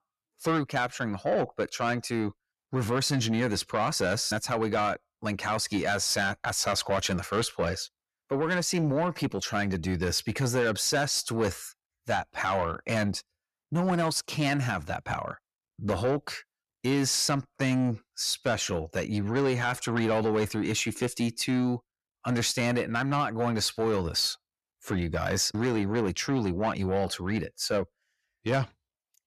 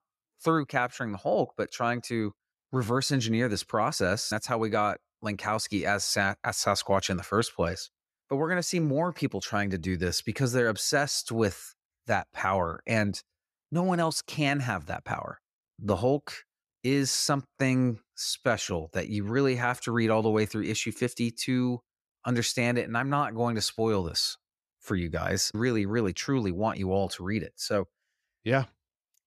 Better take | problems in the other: second | distortion; slight; 10 dB below the speech

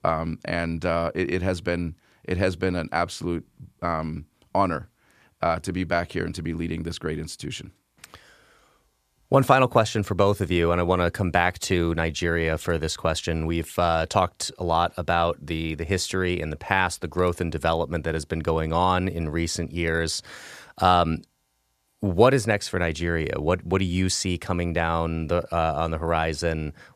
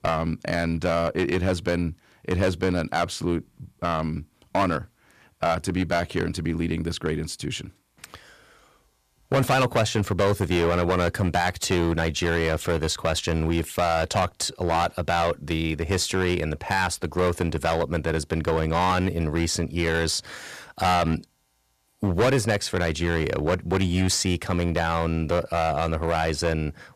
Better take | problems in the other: first | distortion; heavy; 8% of the sound clipped

